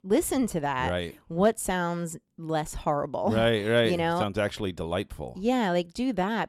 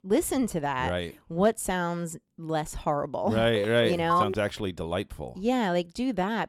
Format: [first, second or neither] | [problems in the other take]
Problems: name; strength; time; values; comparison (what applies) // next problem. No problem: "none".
first | phone ringing; loud; at 3.5 s; peak 1 dB above the speech